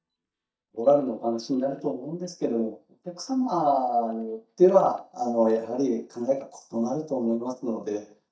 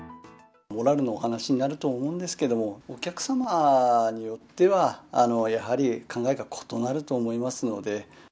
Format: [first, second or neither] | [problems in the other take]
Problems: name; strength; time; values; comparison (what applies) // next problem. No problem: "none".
second | noise reduction (neural mask model DeepFilterNet 3)